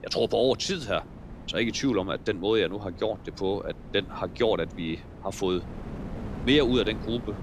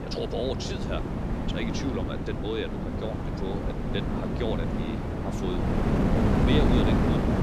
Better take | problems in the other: first | wind noise on the microphone; heavy; 2 dB above the speech; occasional gusts in the first

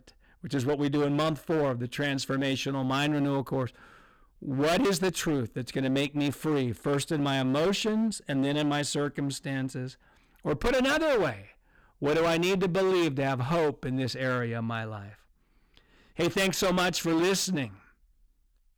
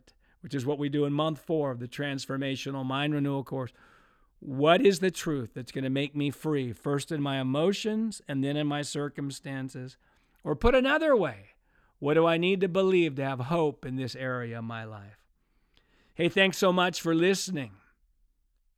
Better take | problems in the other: second | distortion; heavy; 16% of the sound clipped

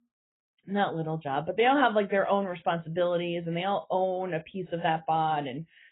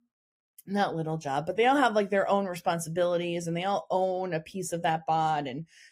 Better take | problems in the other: second | garbled, watery; badly; nothing above 3.5 kHz; slightly in the second

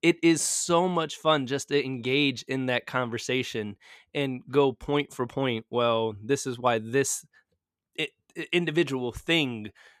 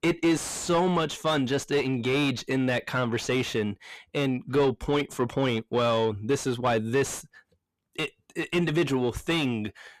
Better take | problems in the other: first | distortion; heavy; 7 dB below the speech

